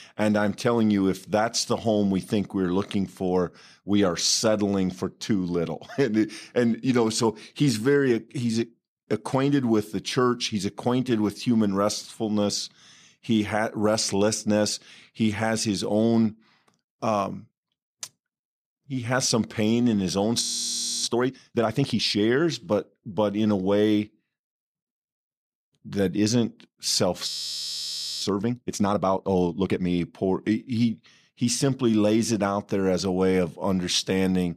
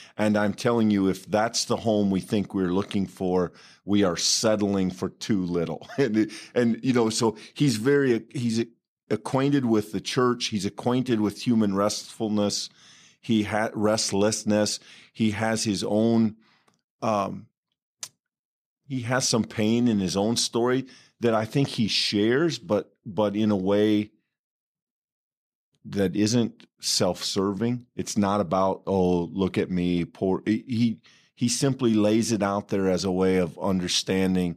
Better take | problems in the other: second | audio freezing; at 20 s for 0.5 s and at 27 s for 1 s

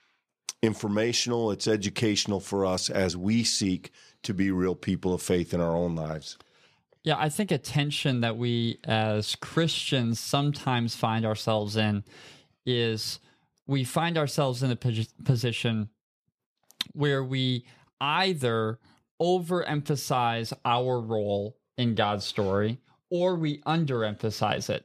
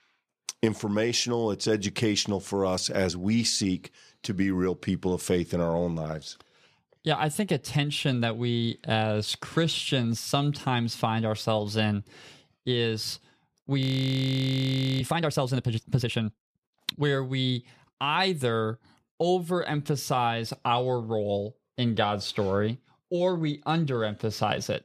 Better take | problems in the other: first | audio freezing; at 14 s for 1 s

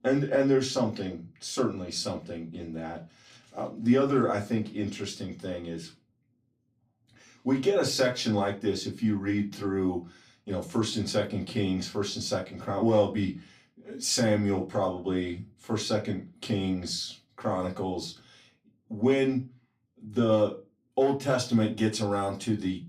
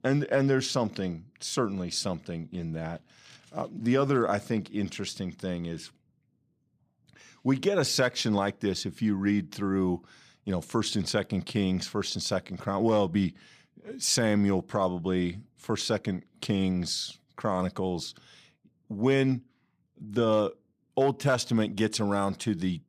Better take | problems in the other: second | off-mic speech; far // room echo; very slight; dies away in 0.2 s

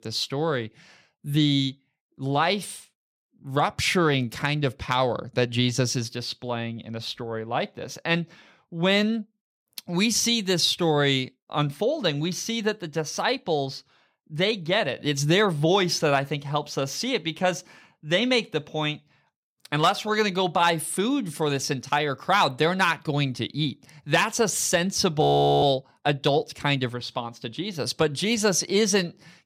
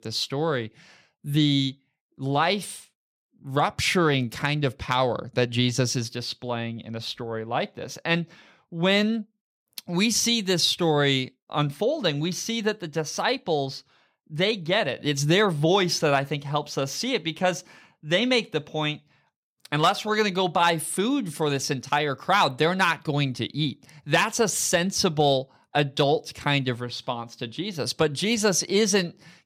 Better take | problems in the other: second | audio freezing; at 25 s

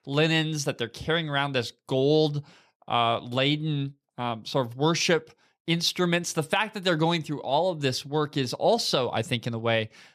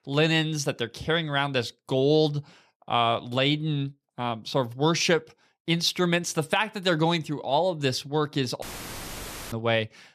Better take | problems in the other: first | audio cutting out; filled with static; at 8.5 s for 1 s

